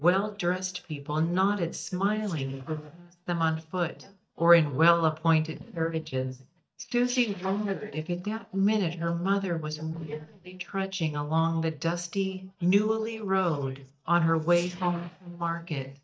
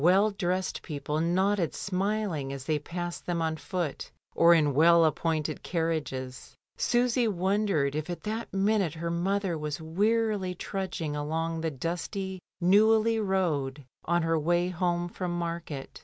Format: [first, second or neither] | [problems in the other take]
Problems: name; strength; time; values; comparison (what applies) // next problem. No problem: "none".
second | noise reduction (neural mask model DeepFilterNet 3)